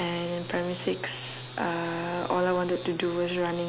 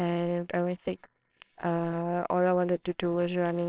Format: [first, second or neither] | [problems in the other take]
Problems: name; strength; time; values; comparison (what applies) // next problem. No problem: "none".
first | noise reduction (neural separator model SepFormer WHAMR!)